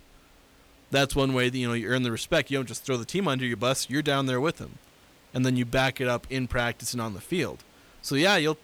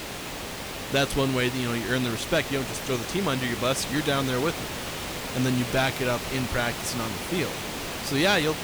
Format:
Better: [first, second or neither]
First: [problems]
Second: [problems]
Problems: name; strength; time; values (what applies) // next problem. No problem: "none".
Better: first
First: hiss; faint; throughout; 30 dB below the speech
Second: hiss; loud; throughout; 6 dB below the speech